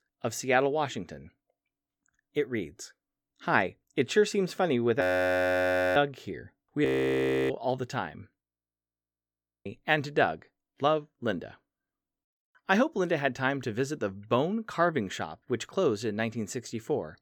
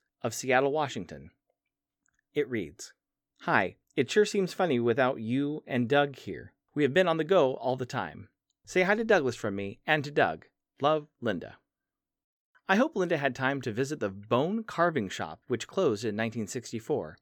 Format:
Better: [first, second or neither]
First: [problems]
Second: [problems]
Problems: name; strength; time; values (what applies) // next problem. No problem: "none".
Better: second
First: audio freezing; at 5 s for 1 s, at 7 s for 0.5 s and at 8.5 s for 1 s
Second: none